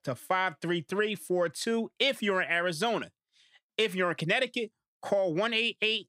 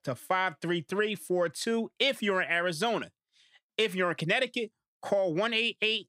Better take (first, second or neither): neither